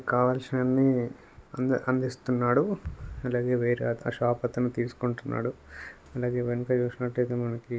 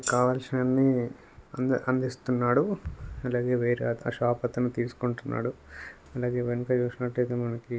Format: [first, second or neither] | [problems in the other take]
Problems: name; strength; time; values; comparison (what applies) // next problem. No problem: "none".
first | background sound (Tambourine); 11 dB below the speech